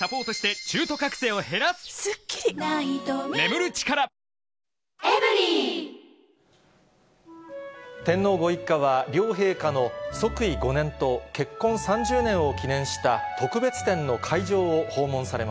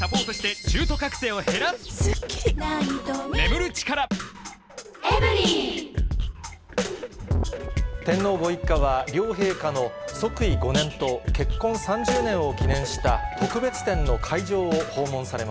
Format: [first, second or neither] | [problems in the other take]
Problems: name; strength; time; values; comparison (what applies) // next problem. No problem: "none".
first | background sound (Drum kit); 1 dB below the speech